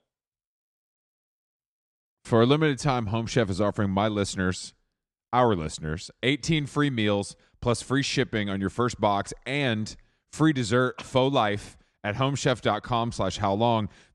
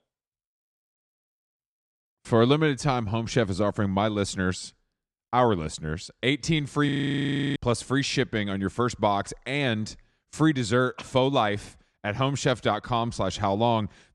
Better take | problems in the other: first | audio freezing; at 7 s for 0.5 s

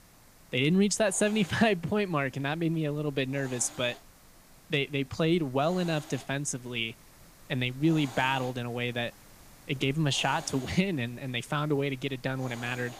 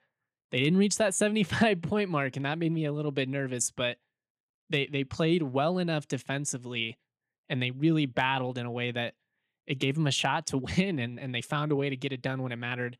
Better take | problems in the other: second | hiss; faint; throughout; 20 dB below the speech

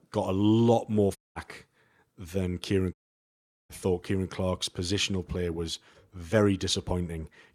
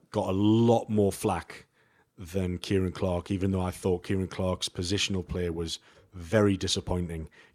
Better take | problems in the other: second | audio cutting out; at 1 s and at 3 s for 1 s

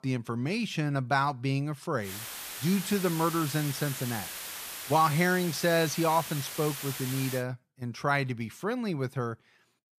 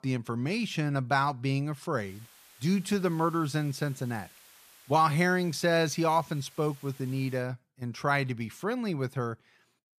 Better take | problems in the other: second | hiss; loud; from 2 to 7.5 s; 7 dB below the speech; faint in the second

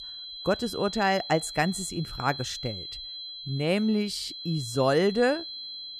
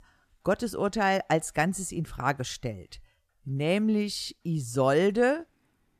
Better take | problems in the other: second | high-pitched whine; loud; throughout; 4 kHz, 9 dB below the speech

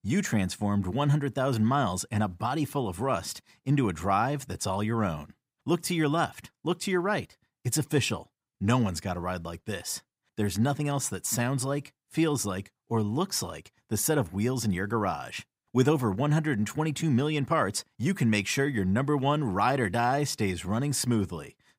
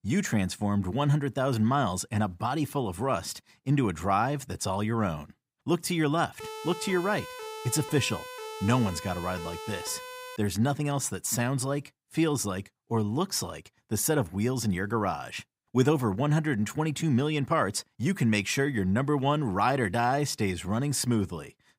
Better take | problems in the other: first | siren; faint; from 6.5 to 10 s; peak 10 dB below the speech

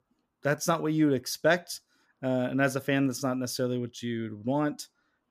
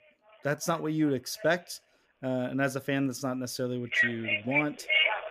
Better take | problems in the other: first | alarms or sirens; very loud; throughout; 5 dB above the speech

